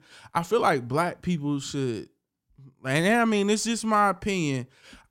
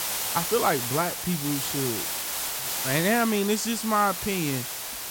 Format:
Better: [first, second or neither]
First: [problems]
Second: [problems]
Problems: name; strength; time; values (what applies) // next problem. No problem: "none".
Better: first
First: none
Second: hiss; loud; throughout; 2 dB below the speech